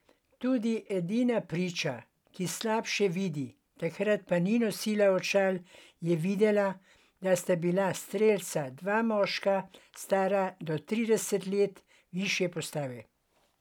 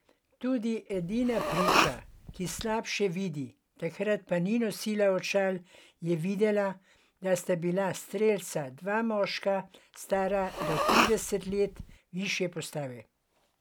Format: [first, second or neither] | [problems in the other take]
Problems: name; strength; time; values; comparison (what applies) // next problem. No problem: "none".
first | background sound (Respiratory sounds); as loud as the speech